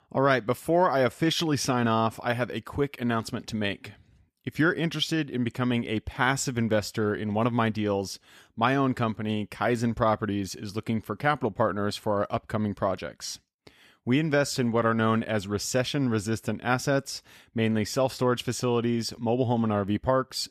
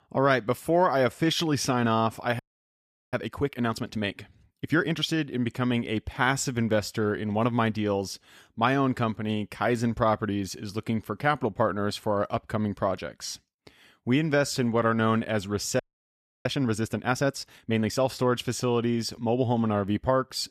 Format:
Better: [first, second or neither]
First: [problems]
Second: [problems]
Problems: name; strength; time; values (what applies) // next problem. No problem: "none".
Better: first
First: none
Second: audio freezing; at 2.5 s for 0.5 s and at 16 s for 0.5 s